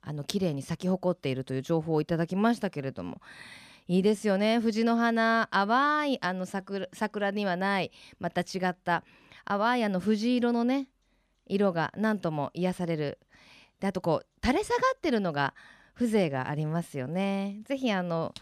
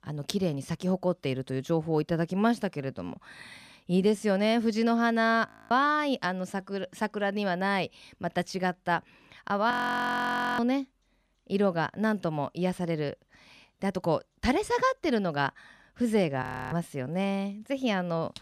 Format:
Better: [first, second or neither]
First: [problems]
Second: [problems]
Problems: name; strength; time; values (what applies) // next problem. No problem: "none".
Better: first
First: none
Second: audio freezing; at 5.5 s, at 9.5 s for 1 s and at 16 s